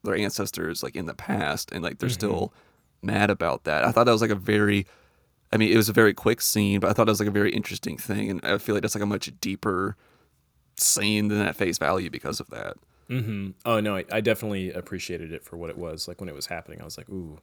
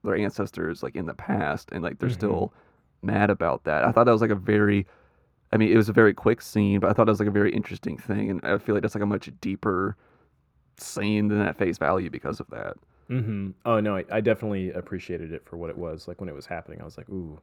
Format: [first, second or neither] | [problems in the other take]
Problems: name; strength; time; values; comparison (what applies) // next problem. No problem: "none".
first | muffled; very; fading above 3 kHz